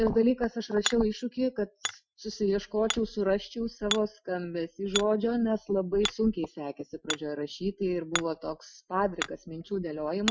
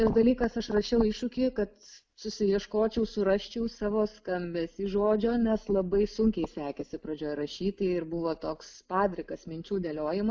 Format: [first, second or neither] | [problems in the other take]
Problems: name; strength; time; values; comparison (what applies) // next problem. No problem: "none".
second | noise reduction (classical method Wiener filter)